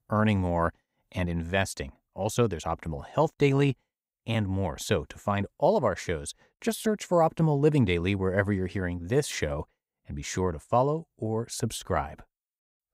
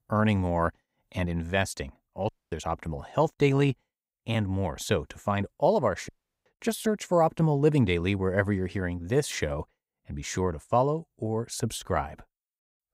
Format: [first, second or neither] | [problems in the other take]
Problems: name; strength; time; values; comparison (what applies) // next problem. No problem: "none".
first | audio cutting out; at 2.5 s and at 6 s